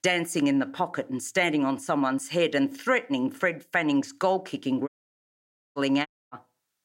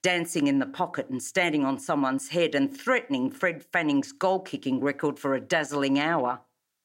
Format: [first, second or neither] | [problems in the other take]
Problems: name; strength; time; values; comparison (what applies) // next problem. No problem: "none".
second | audio cutting out; at 5 s for 1 s and at 6 s